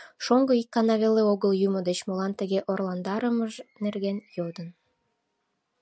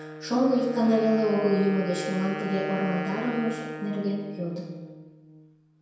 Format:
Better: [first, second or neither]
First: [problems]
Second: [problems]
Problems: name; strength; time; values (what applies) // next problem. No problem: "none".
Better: first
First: none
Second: background sound (Wind instrument, woodwind instrument); 10 dB below the speech // room echo; dies away in 1.1 s